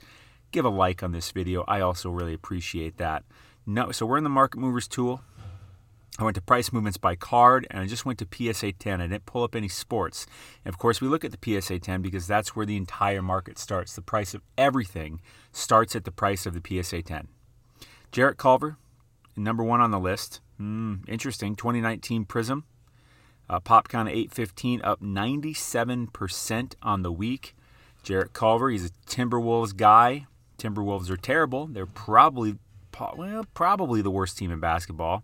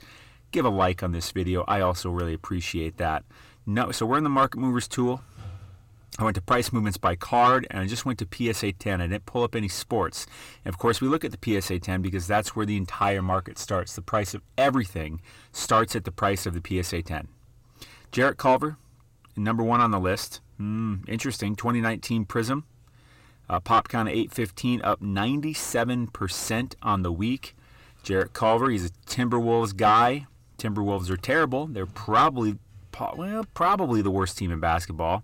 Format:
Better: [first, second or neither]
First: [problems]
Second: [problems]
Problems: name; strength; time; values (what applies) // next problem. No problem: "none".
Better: first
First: none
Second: distortion; slight; 10 dB below the speech